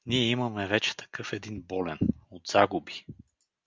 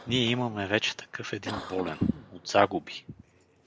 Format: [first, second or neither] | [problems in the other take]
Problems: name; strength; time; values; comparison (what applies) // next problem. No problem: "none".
first | background sound (Cough); 16 dB below the speech